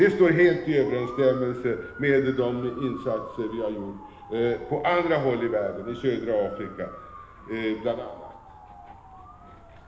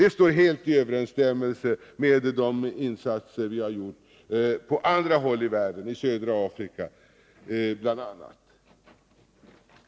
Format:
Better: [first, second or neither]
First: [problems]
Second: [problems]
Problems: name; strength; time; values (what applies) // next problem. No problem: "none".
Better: second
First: background sound (Motor vehicle (road) / Siren); 18 dB below the speech // room echo; dies away in 1.1 s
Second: none